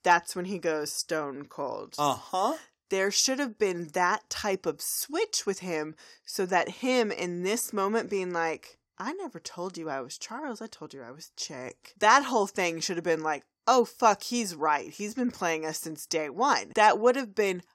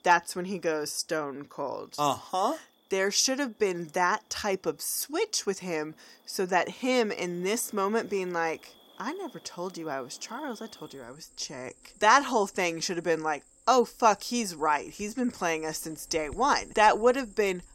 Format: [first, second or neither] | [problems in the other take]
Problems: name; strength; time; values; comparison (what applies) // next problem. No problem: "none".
first | animal sounds; faint; throughout; 25 dB below the speech